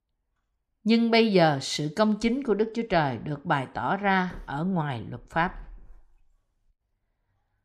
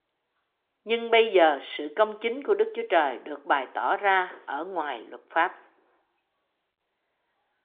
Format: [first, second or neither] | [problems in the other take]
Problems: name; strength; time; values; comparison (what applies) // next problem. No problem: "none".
first | phone-call audio; nothing above 3 kHz